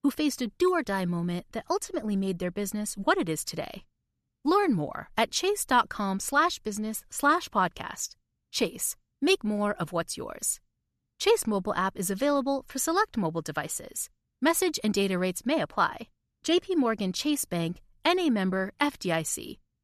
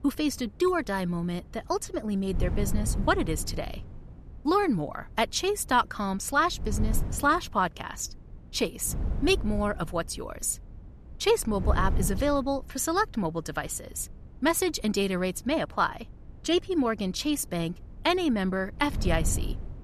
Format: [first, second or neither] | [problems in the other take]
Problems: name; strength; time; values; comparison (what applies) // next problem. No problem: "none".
first | wind noise on the microphone; occasional gusts; 20 dB below the speech